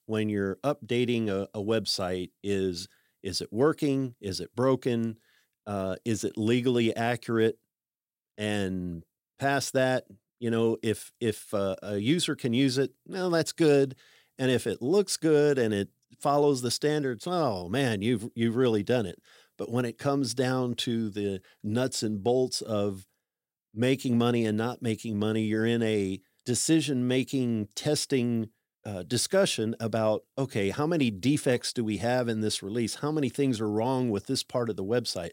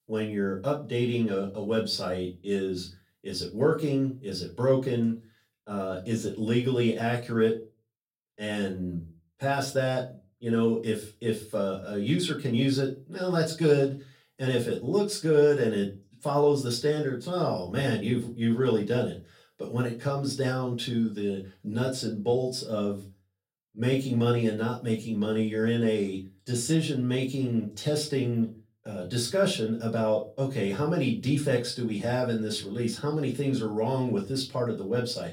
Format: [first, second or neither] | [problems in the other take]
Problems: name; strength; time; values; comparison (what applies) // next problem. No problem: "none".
first | off-mic speech; far // room echo; very slight; dies away in 0.3 s